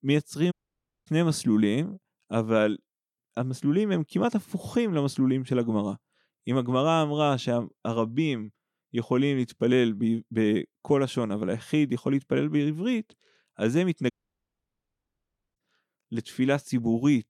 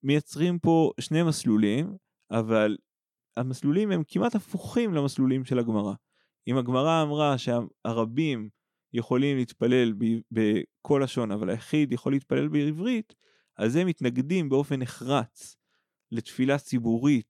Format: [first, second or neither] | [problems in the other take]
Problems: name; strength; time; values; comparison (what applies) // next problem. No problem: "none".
second | audio cutting out; at 0.5 s for 0.5 s and at 14 s for 1.5 s